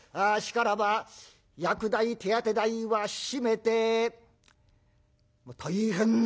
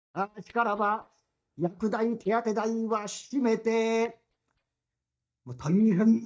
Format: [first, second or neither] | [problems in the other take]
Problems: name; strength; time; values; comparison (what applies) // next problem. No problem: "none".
first | noise reduction (neural mask model DeepFilterNet 3)